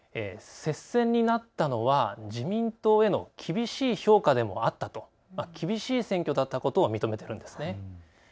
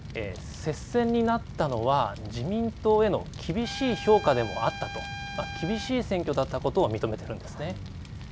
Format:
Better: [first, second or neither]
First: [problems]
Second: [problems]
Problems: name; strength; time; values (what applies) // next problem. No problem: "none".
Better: first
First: none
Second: background sound (Trumpet + Fire); 10 dB below the speech